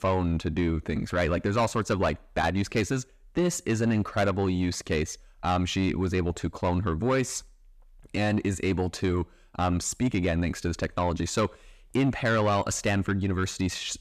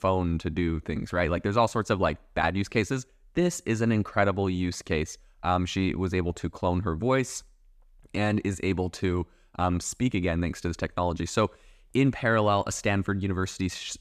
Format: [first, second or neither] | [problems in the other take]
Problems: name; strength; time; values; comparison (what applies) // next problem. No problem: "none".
second | distortion; slight; 10 dB below the speech